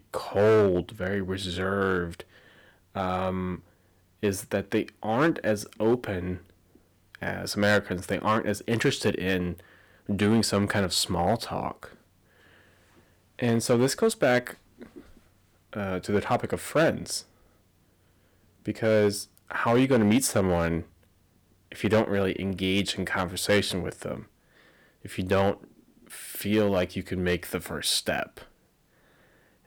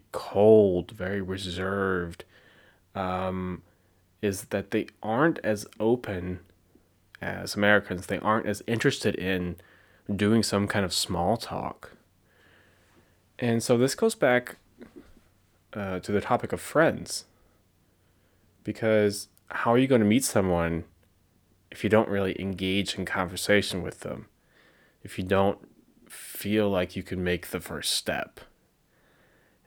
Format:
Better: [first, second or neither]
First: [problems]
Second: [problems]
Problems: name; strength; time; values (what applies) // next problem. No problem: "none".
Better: second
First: distortion; slight; 2% of the sound clipped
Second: none